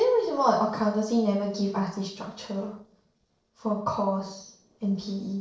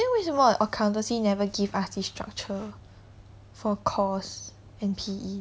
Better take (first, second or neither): second